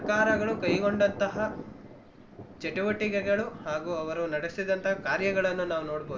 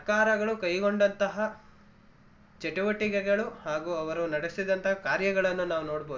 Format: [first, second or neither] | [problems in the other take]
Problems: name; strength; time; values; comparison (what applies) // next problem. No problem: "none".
second | background sound (Thunder); 10 dB below the speech